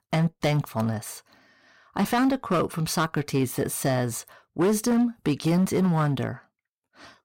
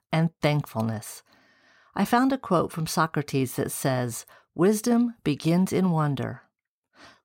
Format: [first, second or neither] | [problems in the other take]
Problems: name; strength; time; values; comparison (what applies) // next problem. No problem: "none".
second | distortion; slight; 7% of the sound clipped